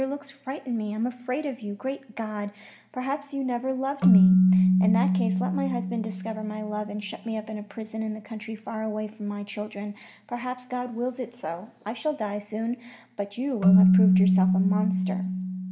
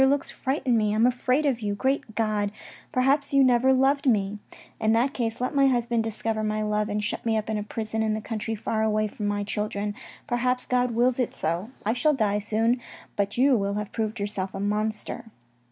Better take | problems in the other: second | background sound (Keyboard (musical)); 4 dB above the speech // room echo; dies away in 0.7 s

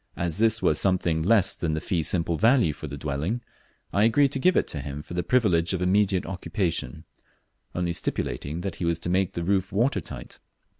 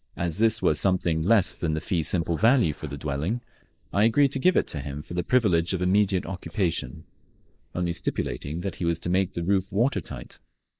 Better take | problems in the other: first | noise reduction (neural mask model Resemble Enhance denoiser)

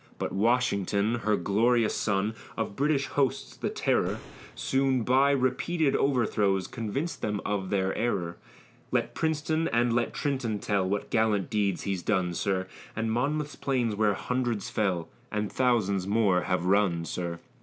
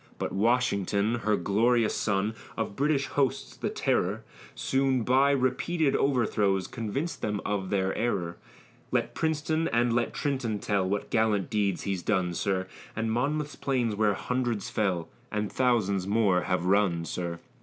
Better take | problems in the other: second | background sound (Boom); 19 dB below the speech

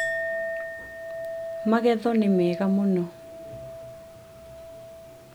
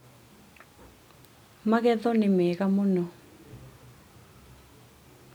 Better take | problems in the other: second | background sound (Chink, clink); 7 dB below the speech

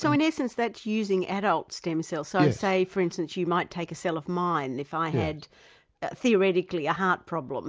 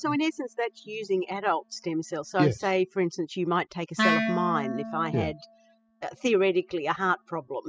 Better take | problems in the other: first | noise reduction (classical method spectral subtraction)

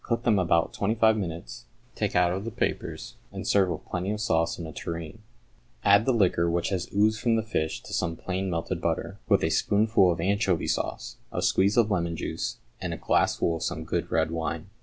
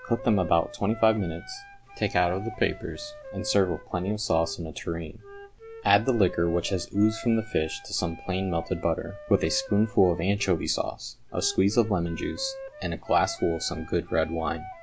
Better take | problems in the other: first | background sound (Wind instrument, woodwind instrument); 17 dB below the speech

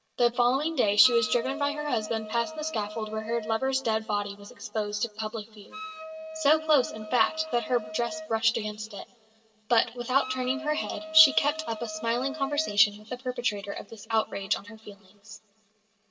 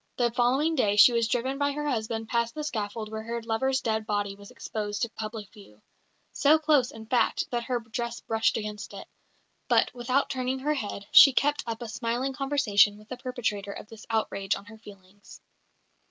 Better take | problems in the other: second | background sound (Wind instrument, woodwind instrument); 12 dB below the speech // room echo; dies away in 2.2 s

